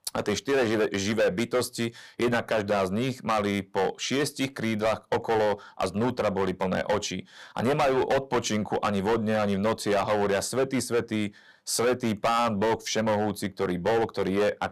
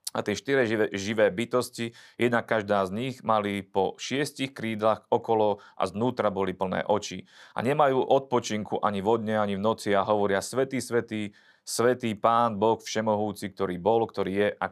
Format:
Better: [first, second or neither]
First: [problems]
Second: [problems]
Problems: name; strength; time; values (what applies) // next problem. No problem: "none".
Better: second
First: distortion; heavy; 12% of the sound clipped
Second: none